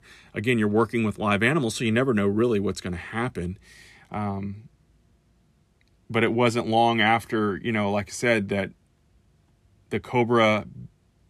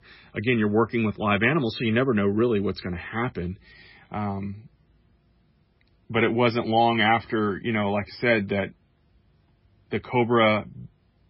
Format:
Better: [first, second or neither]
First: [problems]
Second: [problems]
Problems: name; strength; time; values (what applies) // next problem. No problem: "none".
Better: first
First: none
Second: garbled, watery; badly; nothing above 5.5 kHz